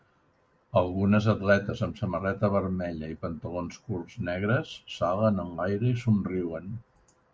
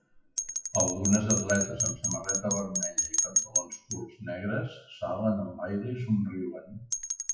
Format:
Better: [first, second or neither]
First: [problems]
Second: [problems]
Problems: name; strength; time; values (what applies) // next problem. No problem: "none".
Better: first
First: none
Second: noise reduction (classical method WPE with log-MMSE)